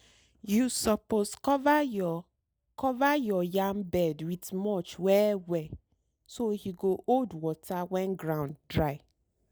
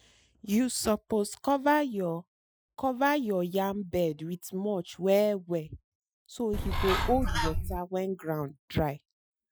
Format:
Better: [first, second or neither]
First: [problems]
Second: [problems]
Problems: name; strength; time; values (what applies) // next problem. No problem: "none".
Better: first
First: none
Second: noise reduction (classical method Wiener filter)